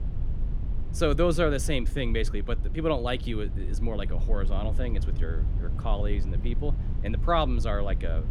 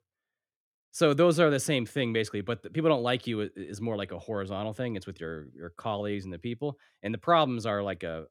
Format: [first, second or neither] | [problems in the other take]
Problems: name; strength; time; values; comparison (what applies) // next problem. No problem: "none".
second | low rumble; noticeable; throughout; 15 dB below the speech